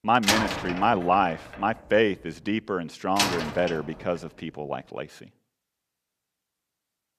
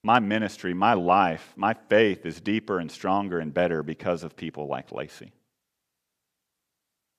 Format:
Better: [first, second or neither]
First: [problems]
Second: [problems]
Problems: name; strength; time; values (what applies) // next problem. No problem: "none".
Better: second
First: door banging; loud; until 3.5 s; peak 3 dB above the speech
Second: none